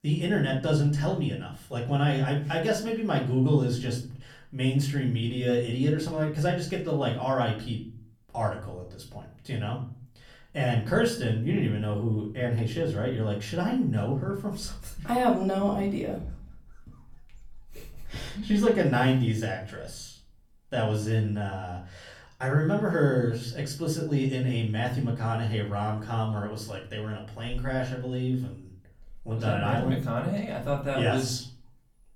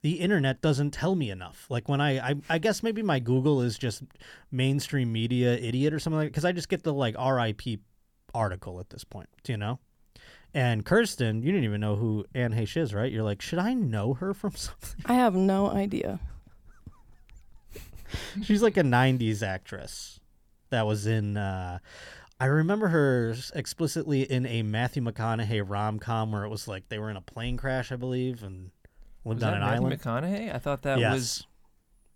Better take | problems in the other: second | off-mic speech; far // room echo; slight; dies away in 0.4 s

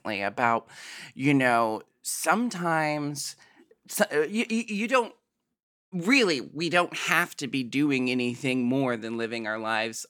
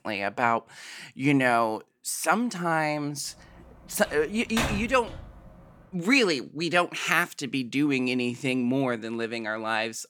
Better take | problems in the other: first | door banging; noticeable; from 4 to 5.5 s; peak 3 dB below the speech

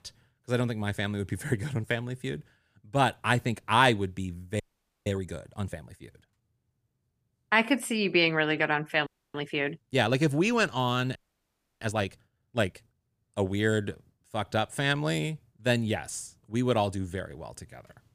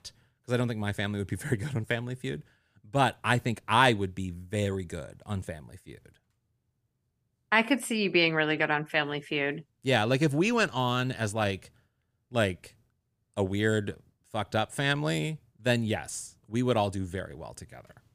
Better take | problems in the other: second | audio freezing; at 4.5 s, at 9 s and at 11 s for 0.5 s

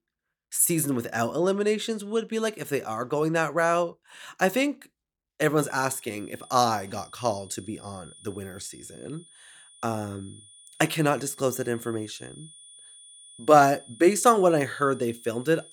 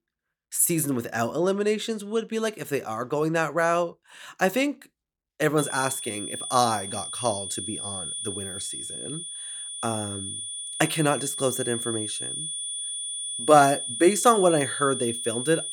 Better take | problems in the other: first | high-pitched whine; loud; from 5.5 s on; 9.5 kHz, 6 dB below the speech; faint in the first

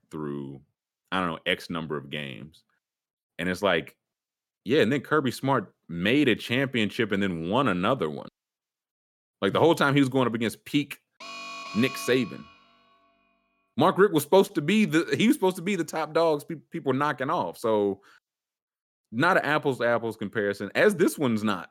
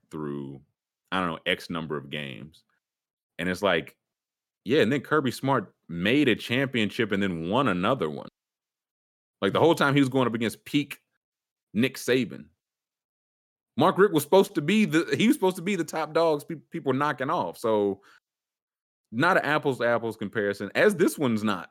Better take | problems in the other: second | alarm; faint; from 11 to 13 s; peak 10 dB below the speech

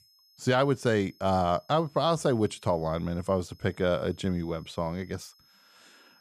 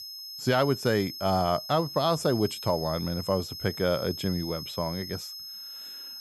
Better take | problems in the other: first | high-pitched whine; loud; throughout; 5 kHz, 9 dB below the speech; faint in the first

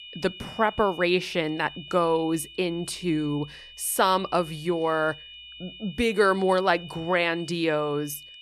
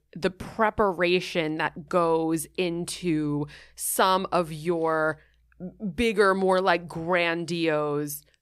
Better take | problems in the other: second | high-pitched whine; noticeable; throughout; 3 kHz, 15 dB below the speech

